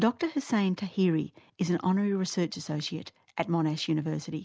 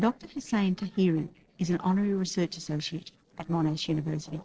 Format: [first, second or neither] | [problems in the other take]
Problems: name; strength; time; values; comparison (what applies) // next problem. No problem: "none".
first | noise reduction (neural separator model SepFormer DNS4)